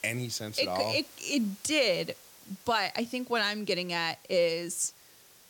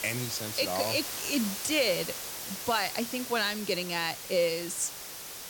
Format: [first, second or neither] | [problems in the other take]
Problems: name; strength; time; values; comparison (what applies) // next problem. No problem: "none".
first | hiss; loud; throughout; 6 dB below the speech; faint in the first